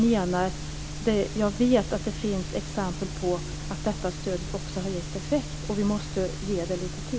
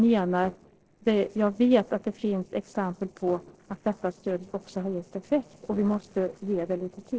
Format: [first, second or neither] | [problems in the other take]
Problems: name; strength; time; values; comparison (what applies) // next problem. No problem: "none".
first | noise reduction (neural separator model SepFormer DNS4)